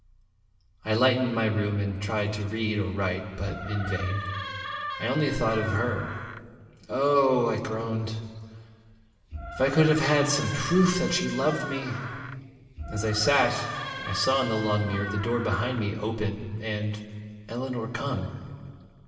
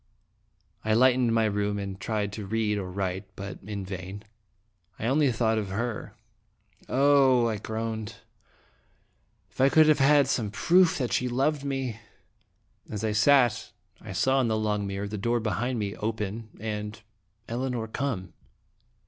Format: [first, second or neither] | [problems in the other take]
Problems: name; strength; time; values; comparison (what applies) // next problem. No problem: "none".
second | background sound (Door); 9 dB below the speech // room echo; dies away in 2 s